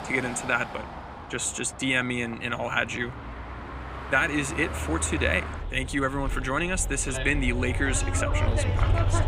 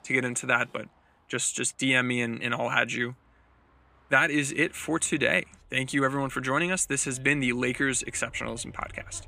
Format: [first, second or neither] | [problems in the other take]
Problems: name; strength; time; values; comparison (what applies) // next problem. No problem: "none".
second | traffic noise; loud; throughout; 5 dB below the speech; faint in the second